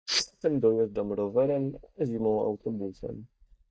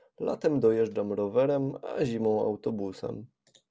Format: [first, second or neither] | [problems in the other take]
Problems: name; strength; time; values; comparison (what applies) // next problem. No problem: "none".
second | noise reduction (neural mask model DeepFilterNet 3)